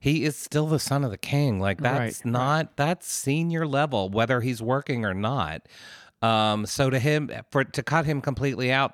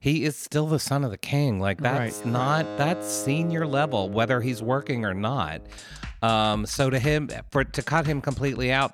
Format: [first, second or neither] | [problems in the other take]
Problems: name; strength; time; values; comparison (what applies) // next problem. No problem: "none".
first | background music; noticeable; from 2.5 s on; 15 dB below the speech